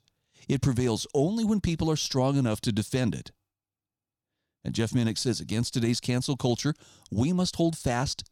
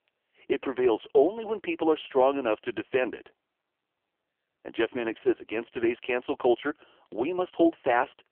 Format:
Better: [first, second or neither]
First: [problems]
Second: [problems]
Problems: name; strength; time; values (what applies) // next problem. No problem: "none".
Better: first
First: none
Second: phone-call audio; poor line; nothing above 3 kHz